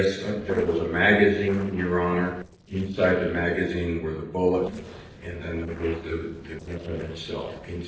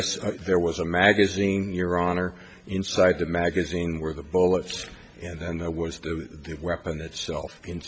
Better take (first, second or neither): second